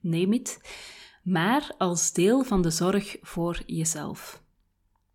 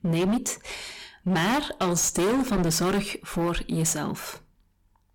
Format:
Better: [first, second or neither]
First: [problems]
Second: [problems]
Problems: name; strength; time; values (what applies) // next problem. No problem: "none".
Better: first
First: none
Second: distortion; heavy; 19% of the sound clipped